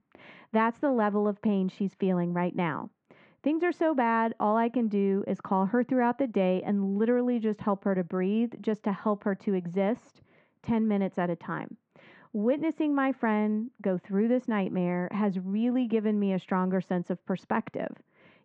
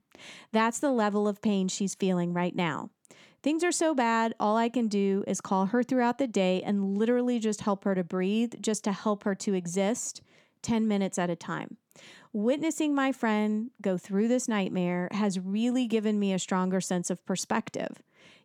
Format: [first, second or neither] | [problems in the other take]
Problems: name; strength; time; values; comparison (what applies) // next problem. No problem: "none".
second | muffled; very; fading above 2 kHz